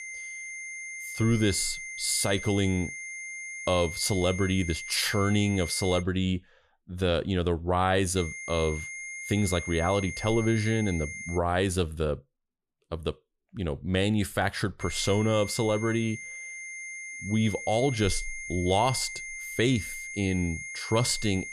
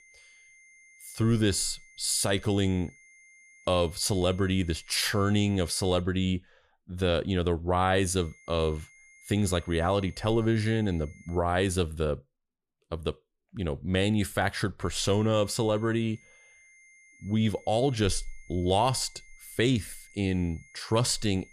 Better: second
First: high-pitched whine; loud; until 6 s, from 8 to 11 s and from 15 s on; 2 kHz, 9 dB below the speech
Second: high-pitched whine; faint; until 6 s, from 8 to 11 s and from 15 s on; 2 kHz, 25 dB below the speech

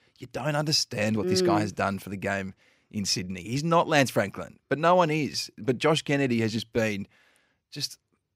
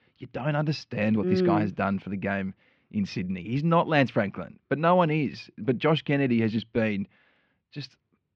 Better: first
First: none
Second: muffled; slightly; fading above 3.5 kHz

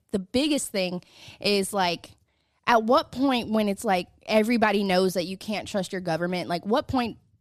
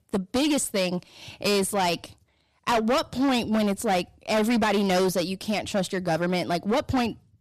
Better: first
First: none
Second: distortion; heavy; 14% of the sound clipped

